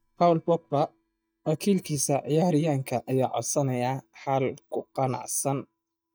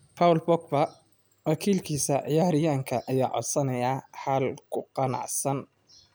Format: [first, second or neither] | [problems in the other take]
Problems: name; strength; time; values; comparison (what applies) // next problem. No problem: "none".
second | noise reduction (neural mask model DeepFilterNet 3)